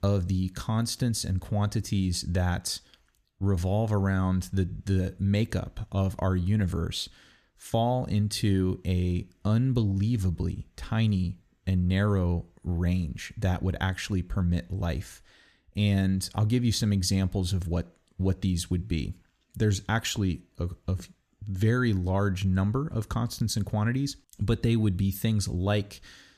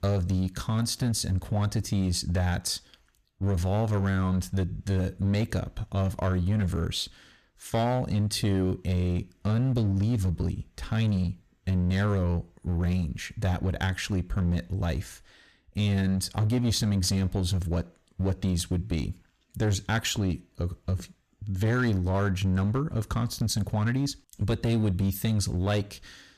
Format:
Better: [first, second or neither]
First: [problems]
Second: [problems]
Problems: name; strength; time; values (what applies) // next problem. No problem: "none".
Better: first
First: none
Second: distortion; slight; 9% of the sound clipped